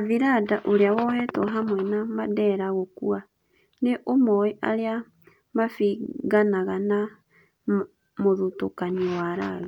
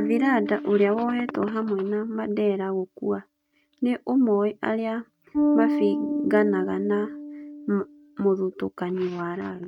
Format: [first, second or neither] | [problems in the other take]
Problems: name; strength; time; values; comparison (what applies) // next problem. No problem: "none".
first | noise reduction (neural mask model RNNoise)